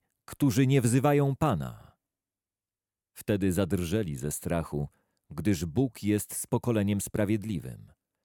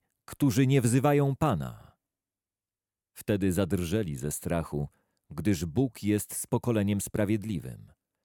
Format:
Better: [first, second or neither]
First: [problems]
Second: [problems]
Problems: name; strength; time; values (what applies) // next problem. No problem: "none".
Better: neither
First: none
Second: none